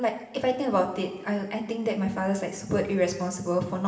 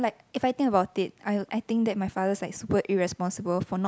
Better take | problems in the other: second | room echo; dies away in 1.2 s

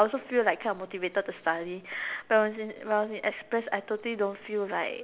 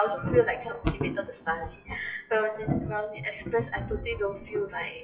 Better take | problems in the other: first | noise reduction (classical method WPE with log-MMSE)

